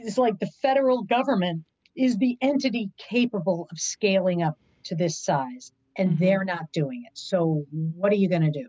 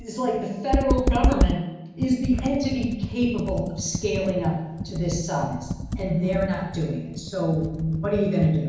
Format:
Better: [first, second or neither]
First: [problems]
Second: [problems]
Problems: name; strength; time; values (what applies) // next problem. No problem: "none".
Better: first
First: none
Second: background sound (Computer keyboard); 3 dB below the speech // room echo; dies away in 1 s